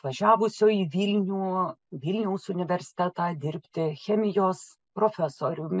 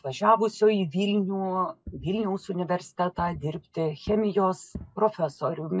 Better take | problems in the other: first | noise reduction (classical method log-MMSE)

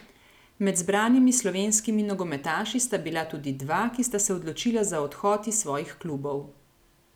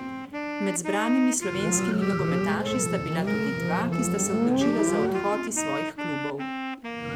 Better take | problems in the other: first | background sound (Motorcycle + Wind instrument, woodwind instrument); 2 dB above the speech

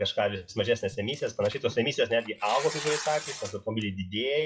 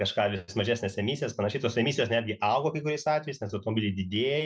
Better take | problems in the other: second | noise reduction (classical method WPE with log-MMSE)

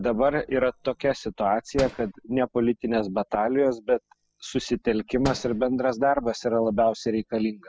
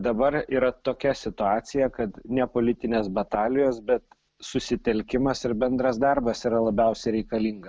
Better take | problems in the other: second | noise reduction (classical method spectral subtraction)

